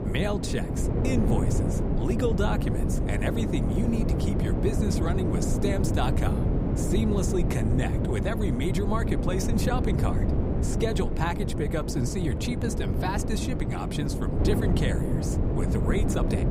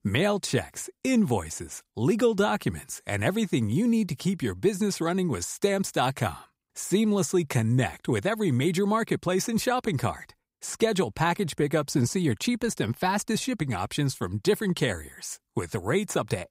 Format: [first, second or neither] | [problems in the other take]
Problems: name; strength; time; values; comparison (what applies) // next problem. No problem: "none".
second | wind noise on the microphone; heavy; 1 dB below the speech